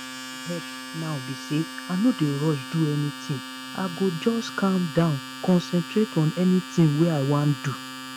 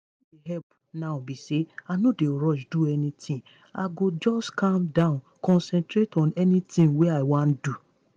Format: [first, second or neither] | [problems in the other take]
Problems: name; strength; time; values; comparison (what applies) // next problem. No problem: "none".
second | background sound (Domestic sounds, home sounds); 12 dB below the speech